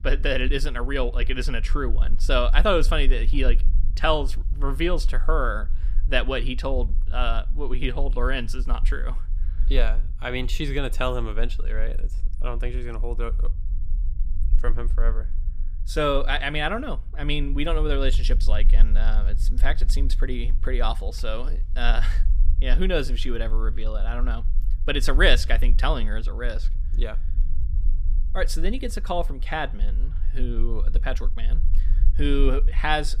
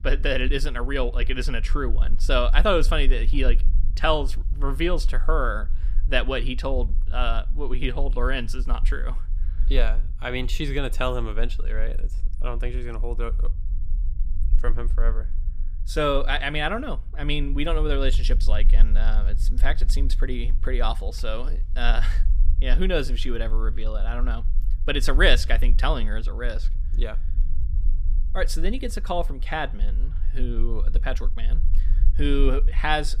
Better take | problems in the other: neither | low rumble; faint; throughout; 25 dB below the speech; the same in both

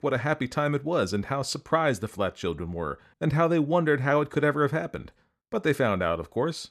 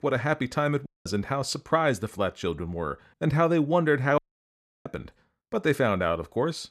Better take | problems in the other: first | audio cutting out; at 1 s and at 4 s for 0.5 s

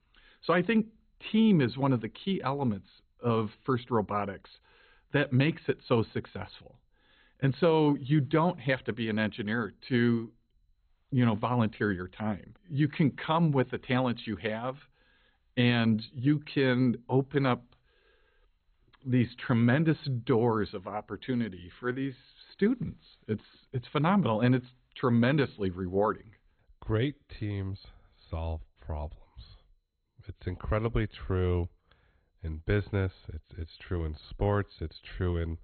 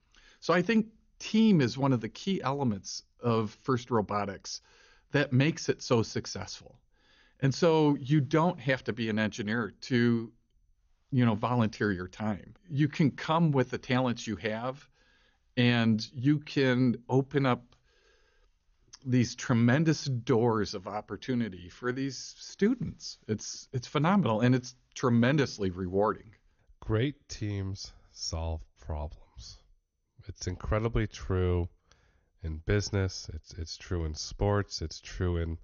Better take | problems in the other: second | garbled, watery; badly; nothing above 4 kHz; slightly in the second

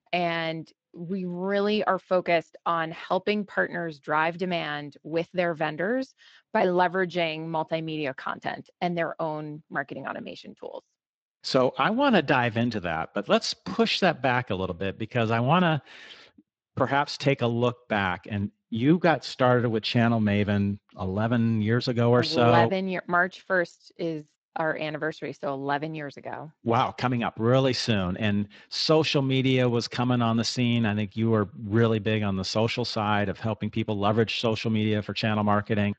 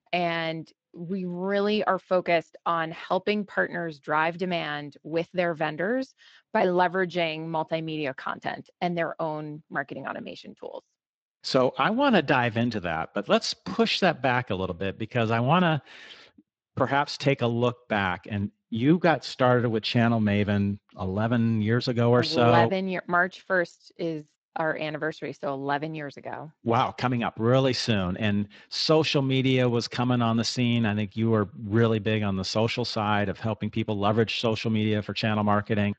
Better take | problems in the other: neither | garbled, watery; slightly; nothing above 7.5 kHz; the same in both

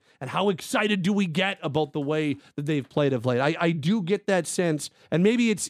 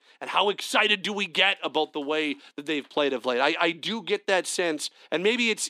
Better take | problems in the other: first | thin; somewhat; fading below 250 Hz

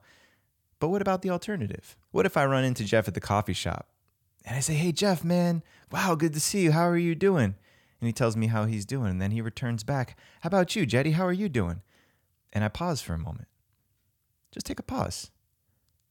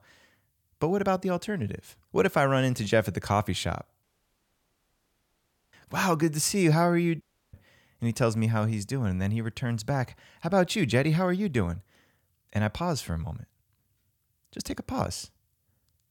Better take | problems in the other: first | audio cutting out; at 4 s for 1.5 s and at 7 s

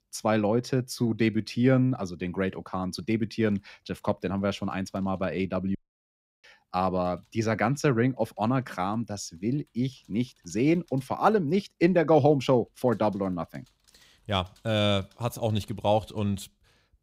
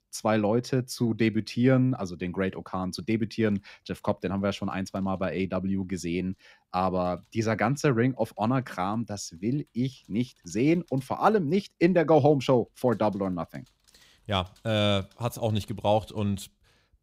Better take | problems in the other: second | audio cutting out; at 6 s for 0.5 s

